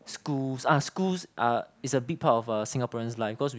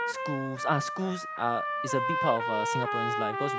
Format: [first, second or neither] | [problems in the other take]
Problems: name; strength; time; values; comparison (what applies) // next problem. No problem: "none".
first | background sound (Trumpet); 1 dB above the speech